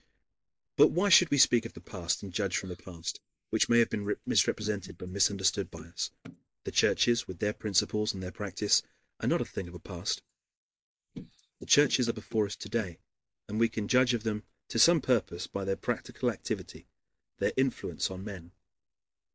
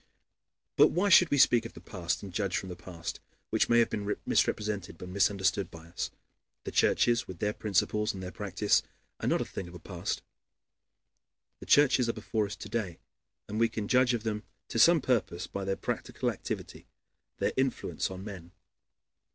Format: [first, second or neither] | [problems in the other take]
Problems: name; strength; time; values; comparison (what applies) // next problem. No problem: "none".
second | noise reduction (neural mask model Resemble Enhance denoiser)